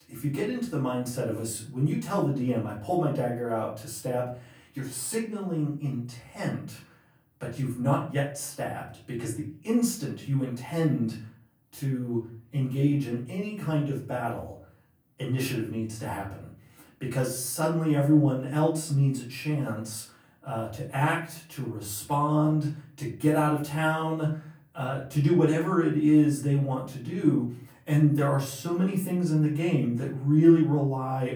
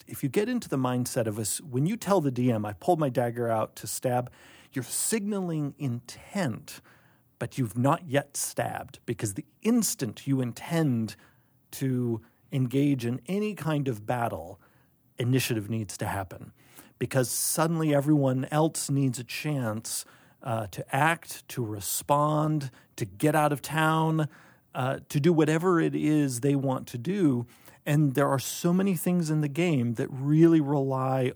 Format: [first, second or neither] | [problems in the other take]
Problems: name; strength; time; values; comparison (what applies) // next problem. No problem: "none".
second | off-mic speech; far // room echo; slight; dies away in 0.4 s